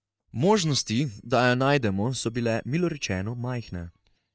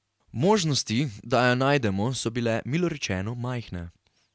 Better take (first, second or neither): second